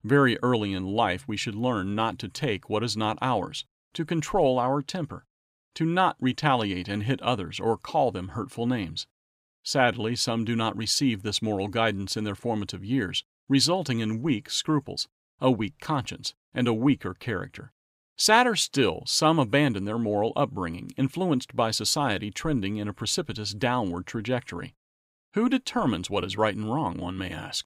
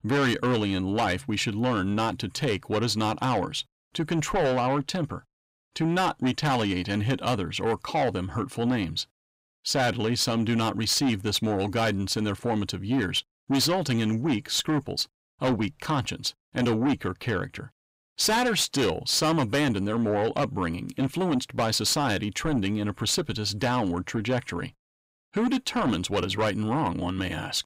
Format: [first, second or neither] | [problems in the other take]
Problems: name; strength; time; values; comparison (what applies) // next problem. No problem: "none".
first | distortion; heavy; 7 dB below the speech